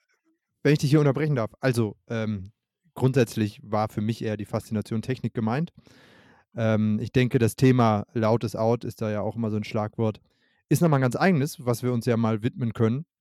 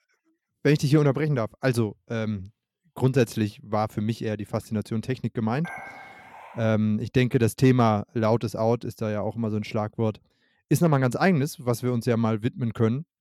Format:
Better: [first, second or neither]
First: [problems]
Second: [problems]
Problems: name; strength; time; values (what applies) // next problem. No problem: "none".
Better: first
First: none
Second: clattering dishes; faint; from 5.5 to 6.5 s; peak 15 dB below the speech